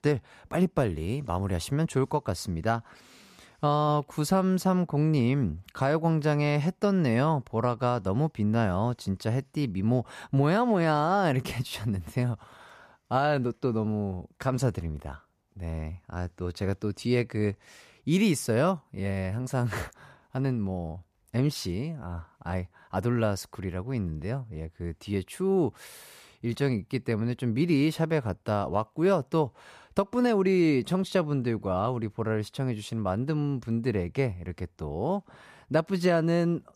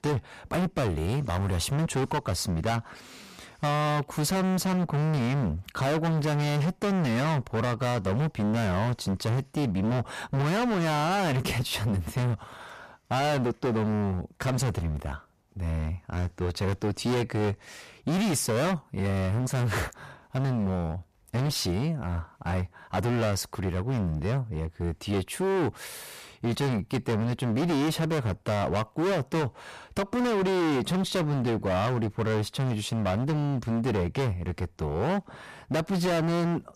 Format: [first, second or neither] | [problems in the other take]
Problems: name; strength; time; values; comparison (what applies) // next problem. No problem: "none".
first | distortion; heavy; 28% of the sound clipped